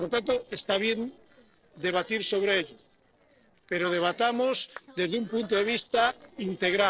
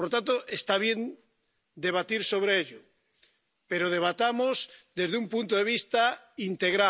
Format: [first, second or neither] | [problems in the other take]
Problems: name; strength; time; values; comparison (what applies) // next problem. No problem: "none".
second | noise reduction (neural separator model SepFormer DNS4)